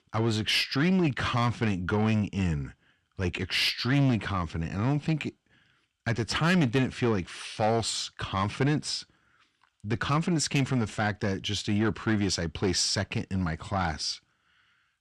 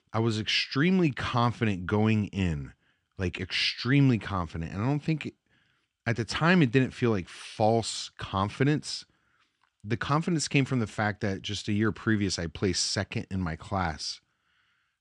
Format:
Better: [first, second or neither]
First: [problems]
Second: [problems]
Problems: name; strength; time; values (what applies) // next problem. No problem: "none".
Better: second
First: distortion; slight; 10 dB below the speech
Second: none